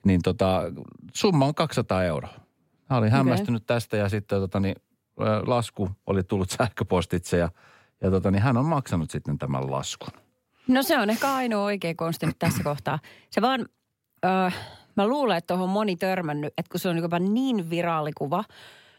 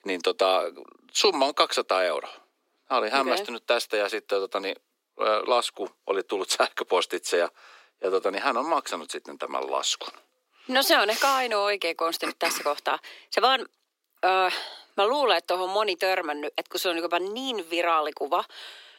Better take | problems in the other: first | thin; very; fading below 350 Hz

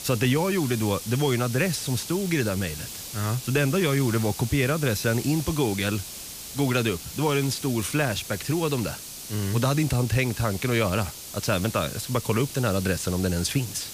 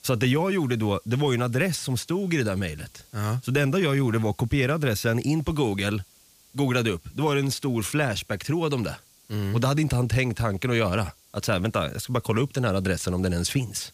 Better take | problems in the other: second | hiss; loud; throughout; 10 dB below the speech; faint in the second

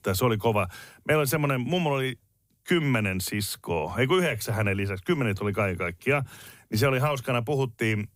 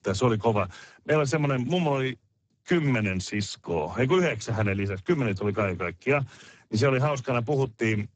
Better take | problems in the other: first | garbled, watery; badly; nothing above 8 kHz

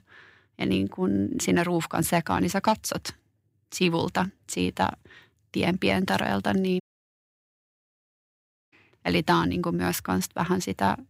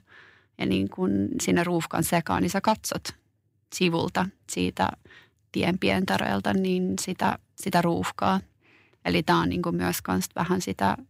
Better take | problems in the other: second | audio cutting out; at 7 s for 2 s

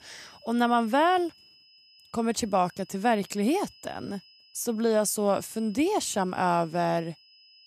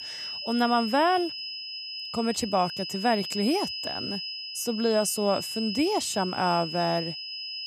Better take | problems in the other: first | high-pitched whine; loud; throughout; 5 kHz, 6 dB below the speech; faint in the first

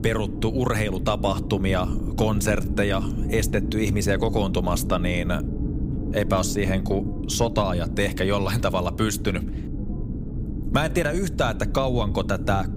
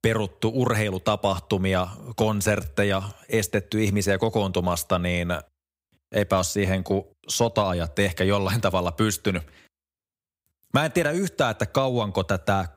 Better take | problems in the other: second | low rumble; noticeable; throughout; 10 dB below the speech

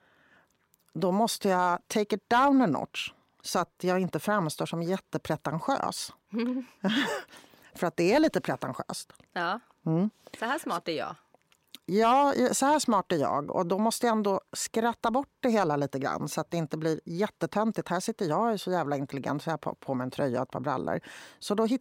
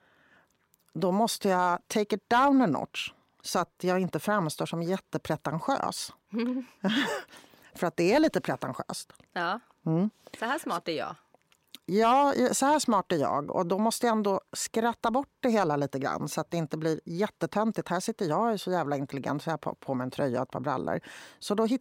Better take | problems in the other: neither | none

